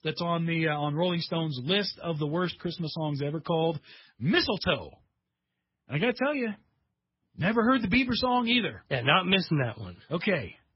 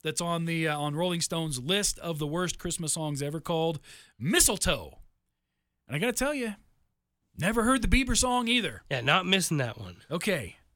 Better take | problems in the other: second | garbled, watery; badly; nothing above 5.5 kHz

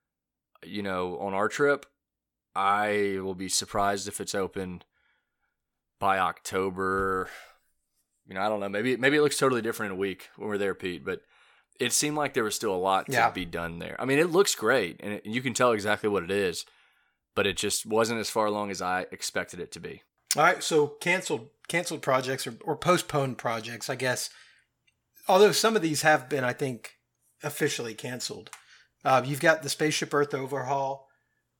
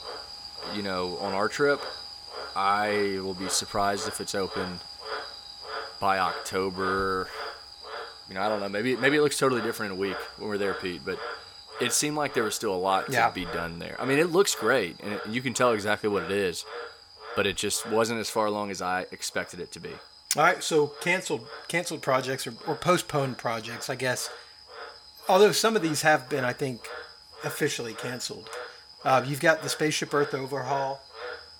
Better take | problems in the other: first | animal sounds; noticeable; throughout; 10 dB below the speech

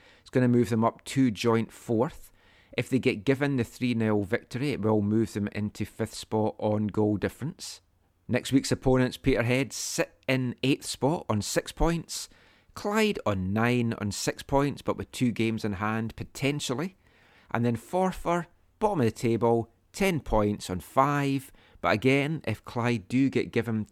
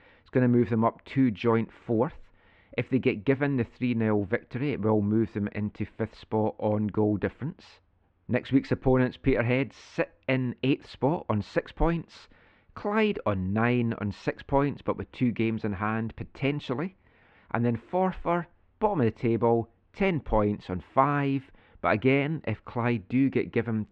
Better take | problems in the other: first | muffled; very; fading above 2.5 kHz

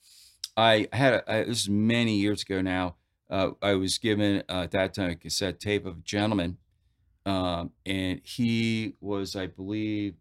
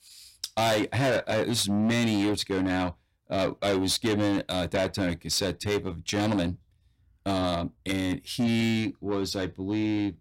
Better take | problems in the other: first | distortion; heavy; 7 dB below the speech

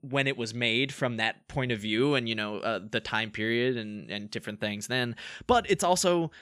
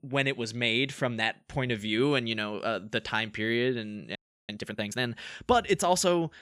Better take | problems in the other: first | audio freezing; at 4 s

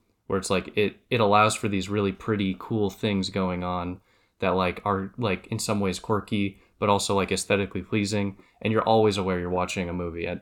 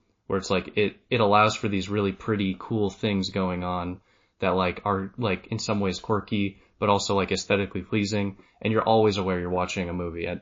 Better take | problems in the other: first | garbled, watery; slightly

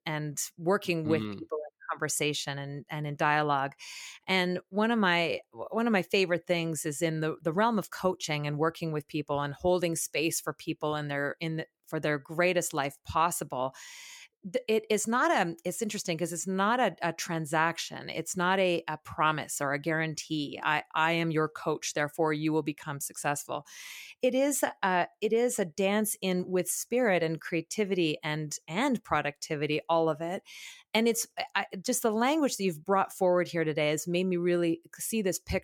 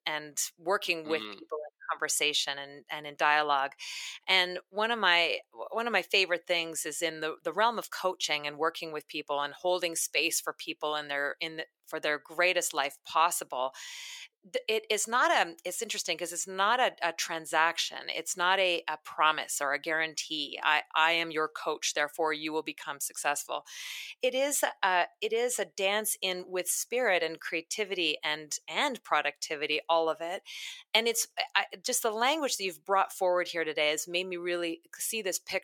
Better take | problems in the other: first | thin; somewhat; fading below 500 Hz

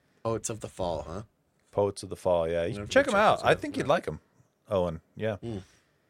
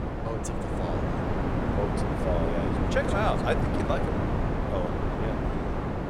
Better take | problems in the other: first | wind noise on the microphone; heavy; 1 dB above the speech

